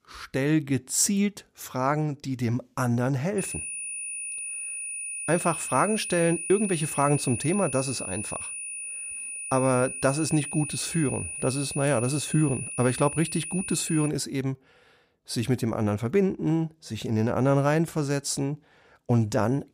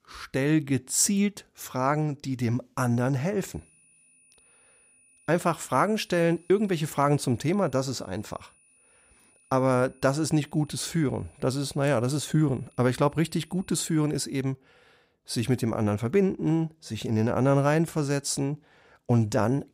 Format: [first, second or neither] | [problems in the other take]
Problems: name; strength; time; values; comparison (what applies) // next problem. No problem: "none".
second | high-pitched whine; loud; from 3.5 to 14 s; 9.5 kHz, 6 dB below the speech; faint in the second